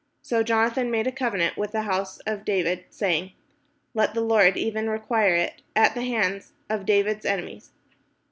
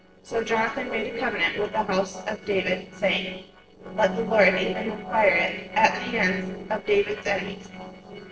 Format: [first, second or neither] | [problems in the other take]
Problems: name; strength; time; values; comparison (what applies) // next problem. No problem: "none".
first | noise reduction (neural separator model SepFormer DNS4)